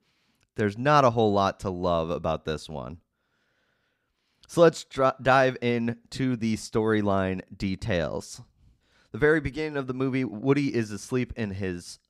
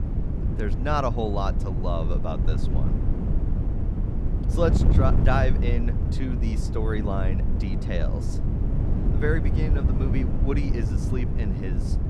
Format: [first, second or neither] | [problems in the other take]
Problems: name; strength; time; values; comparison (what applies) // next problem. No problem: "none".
first | wind noise on the microphone; heavy; 6 dB below the speech